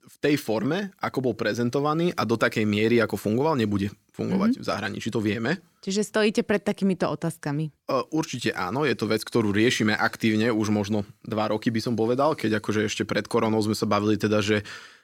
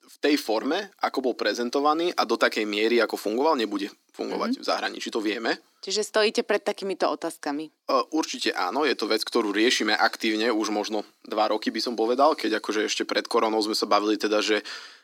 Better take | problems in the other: first | thin; somewhat; fading below 250 Hz

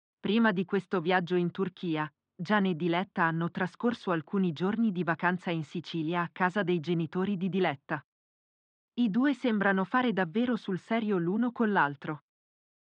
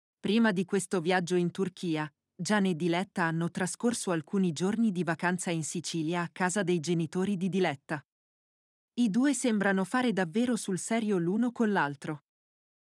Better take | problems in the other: second | muffled; very; fading above 3.5 kHz

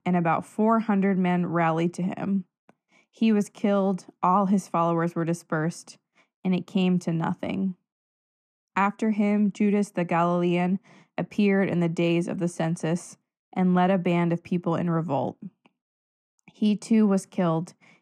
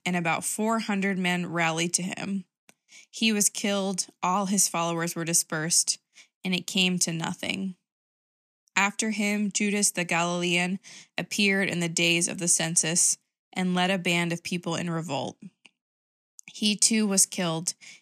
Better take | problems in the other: second | muffled; very; fading above 2.5 kHz

